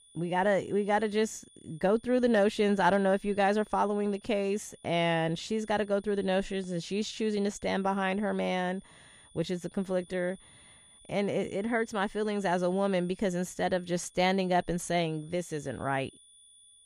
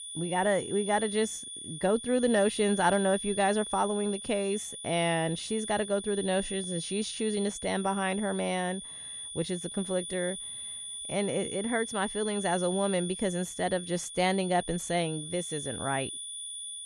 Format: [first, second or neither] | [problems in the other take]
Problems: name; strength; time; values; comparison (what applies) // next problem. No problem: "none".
first | high-pitched whine; loud; throughout; 9.5 kHz, 7 dB below the speech; faint in the first